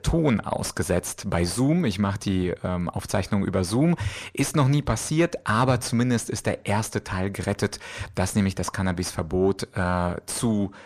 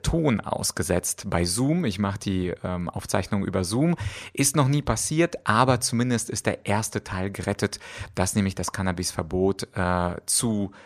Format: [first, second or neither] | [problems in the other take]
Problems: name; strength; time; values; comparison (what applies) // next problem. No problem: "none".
second | distortion; slight; 10 dB below the speech